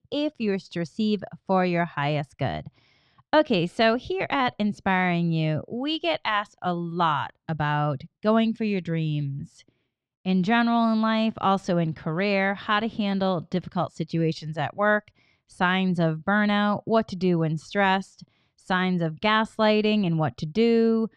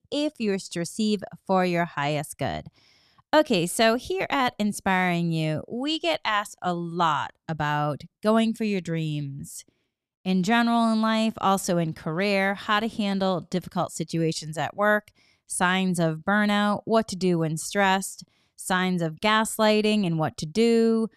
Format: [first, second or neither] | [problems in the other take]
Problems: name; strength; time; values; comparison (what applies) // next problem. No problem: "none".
second | muffled; very slightly; fading above 4 kHz